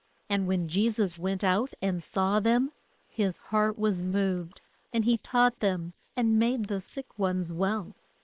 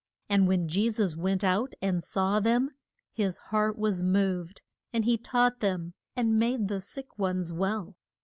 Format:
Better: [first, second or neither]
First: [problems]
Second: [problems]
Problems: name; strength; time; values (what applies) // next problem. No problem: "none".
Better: second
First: noise reduction (neural separator model SepFormer WHAM!)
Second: none